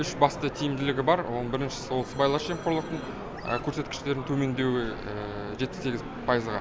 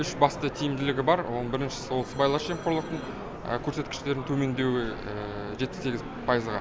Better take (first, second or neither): second